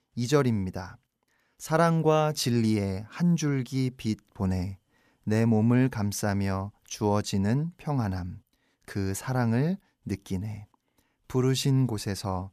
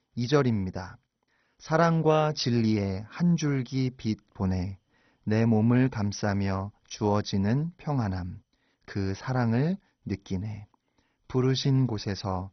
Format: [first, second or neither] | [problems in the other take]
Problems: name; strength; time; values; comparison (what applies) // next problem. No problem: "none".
first | garbled, watery; badly; nothing above 6 kHz